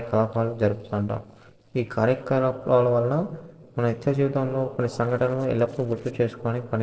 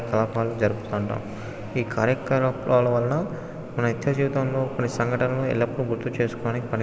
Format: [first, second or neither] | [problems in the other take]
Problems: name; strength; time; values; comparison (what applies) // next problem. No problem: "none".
second | noise reduction (neural separator model SepFormer DNS4)